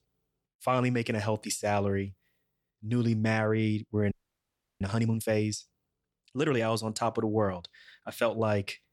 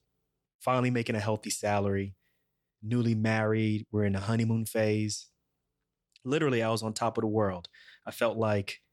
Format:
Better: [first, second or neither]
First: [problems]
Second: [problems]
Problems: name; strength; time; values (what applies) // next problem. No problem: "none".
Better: second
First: audio freezing; at 4 s for 0.5 s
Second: none